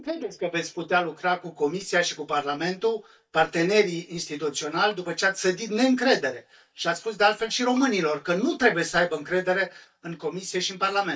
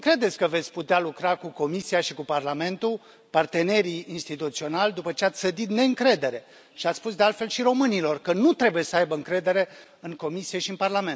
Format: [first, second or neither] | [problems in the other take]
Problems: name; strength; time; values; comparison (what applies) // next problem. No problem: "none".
second | noise reduction (neural mask model DeepFilterNet 3)